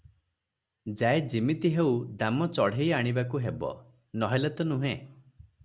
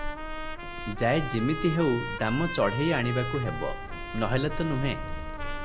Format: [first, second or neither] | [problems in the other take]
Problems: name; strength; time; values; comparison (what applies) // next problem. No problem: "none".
first | background sound (Zipper (clothing) + Trumpet); 5 dB below the speech